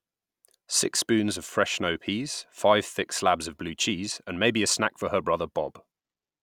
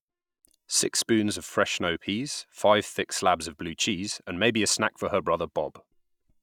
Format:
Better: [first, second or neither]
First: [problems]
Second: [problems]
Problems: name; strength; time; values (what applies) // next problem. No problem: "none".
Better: first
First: none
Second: noise reduction (neural mask model DeepFilterNet 3)